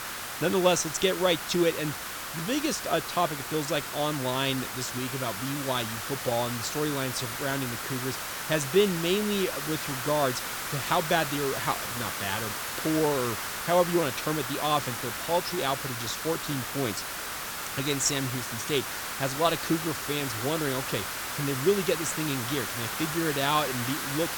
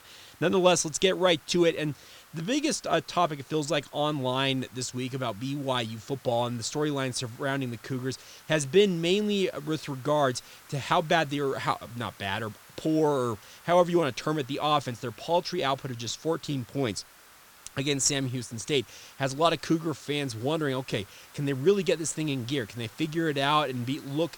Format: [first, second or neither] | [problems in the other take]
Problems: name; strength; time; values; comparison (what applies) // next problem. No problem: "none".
second | hiss; loud; throughout; 3 dB below the speech; faint in the second